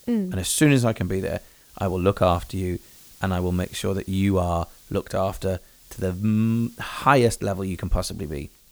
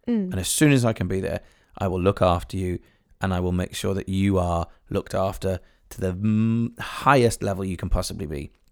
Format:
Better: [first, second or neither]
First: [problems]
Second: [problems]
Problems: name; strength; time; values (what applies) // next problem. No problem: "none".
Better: second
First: hiss; faint; throughout; 25 dB below the speech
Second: none